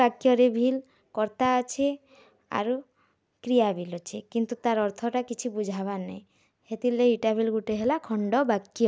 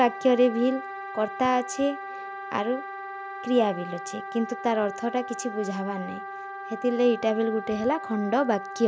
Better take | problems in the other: first | background sound (Wind instrument, woodwind instrument); 10 dB below the speech

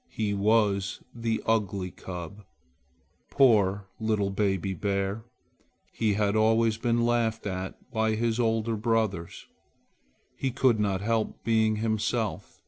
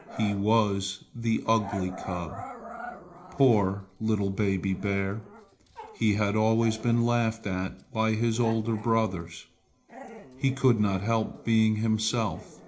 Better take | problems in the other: first | background sound (Growling); 17 dB below the speech // room echo; dies away in 0.4 s

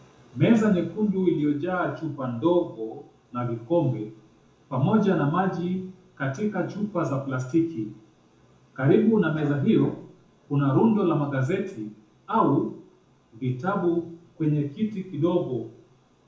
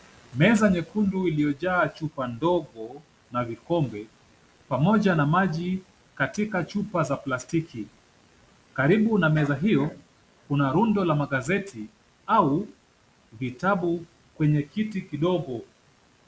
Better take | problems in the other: second | room echo; dies away in 0.6 s

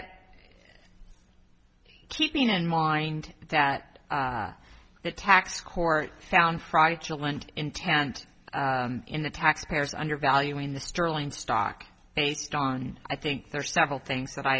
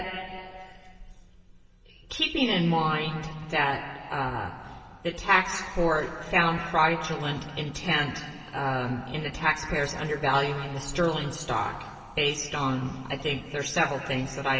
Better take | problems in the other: first | room echo; dies away in 2.7 s

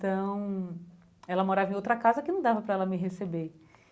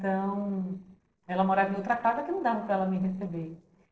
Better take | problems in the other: first | noise reduction (neural separator model SepFormer DNS4)

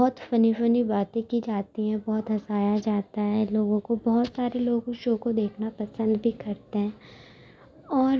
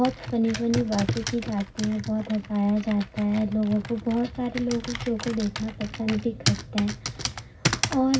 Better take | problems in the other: first | background sound (Computer keyboard); 6 dB below the speech // room echo; dies away in 0.4 s

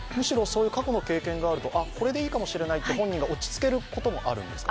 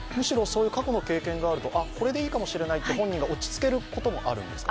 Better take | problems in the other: first | background sound (Bowed string instrument); 20 dB below the speech

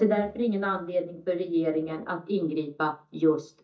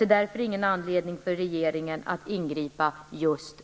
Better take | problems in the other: second | noise reduction (neural mask model DeepFilterNet 3)

